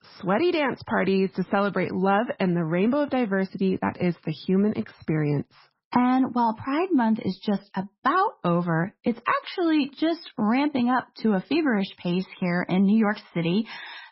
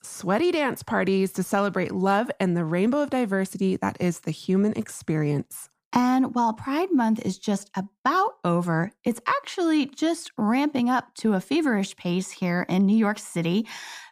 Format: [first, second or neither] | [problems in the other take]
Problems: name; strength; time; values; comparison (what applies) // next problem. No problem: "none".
second | garbled, watery; badly; nothing above 5.5 kHz